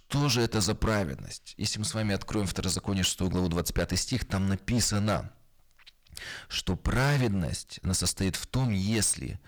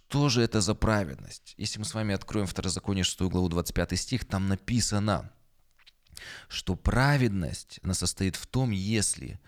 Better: second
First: distortion; heavy; 10% of the sound clipped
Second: none

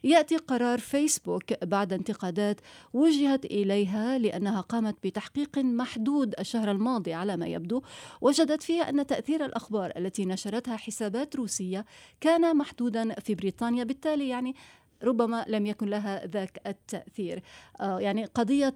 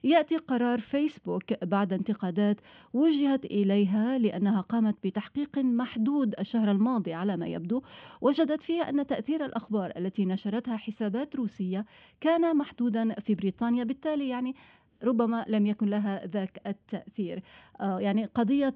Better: first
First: none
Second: muffled; very; fading above 3 kHz

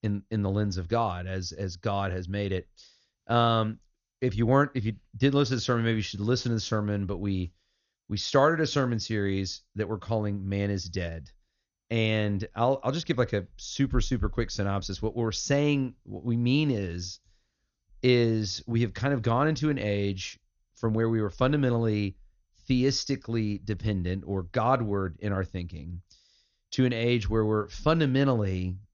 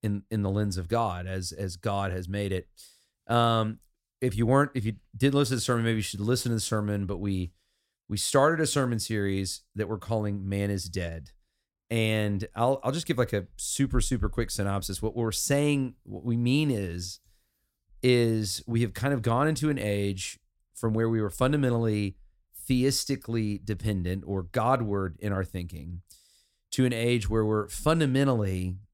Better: second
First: garbled, watery; slightly; nothing above 6.5 kHz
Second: none

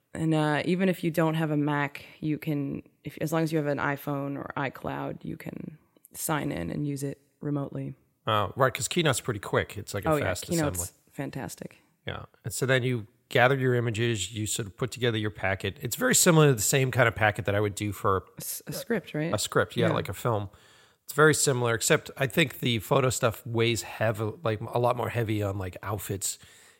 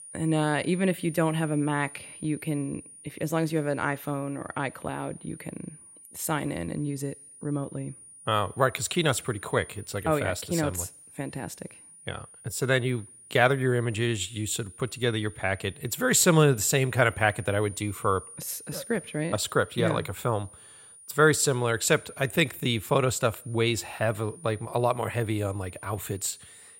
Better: first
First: none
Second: high-pitched whine; noticeable; throughout; 9.5 kHz, 20 dB below the speech

